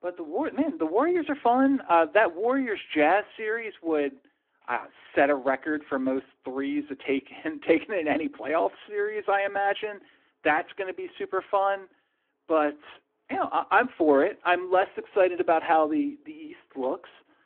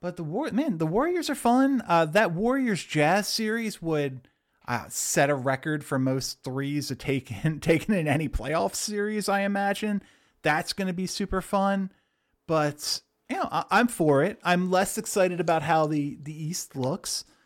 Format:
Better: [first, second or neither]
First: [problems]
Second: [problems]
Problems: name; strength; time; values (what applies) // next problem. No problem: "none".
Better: second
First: phone-call audio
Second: none